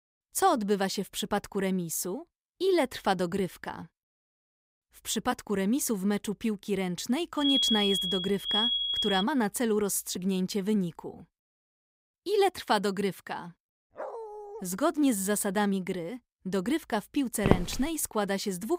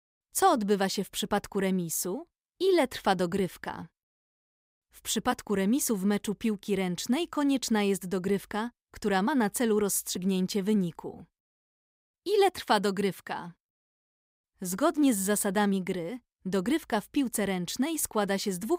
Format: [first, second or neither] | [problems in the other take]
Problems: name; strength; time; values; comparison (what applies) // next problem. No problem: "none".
second | alarm; loud; from 7.5 to 9 s; peak 5 dB above the speech // dog barking; faint; at 14 s; peak 10 dB below the speech // footsteps; loud; at 17 s; peak 2 dB above the speech